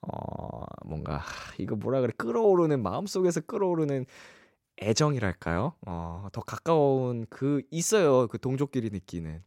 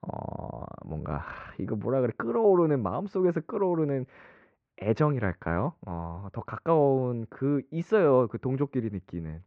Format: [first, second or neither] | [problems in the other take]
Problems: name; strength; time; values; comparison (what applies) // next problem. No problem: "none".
first | muffled; very; fading above 2 kHz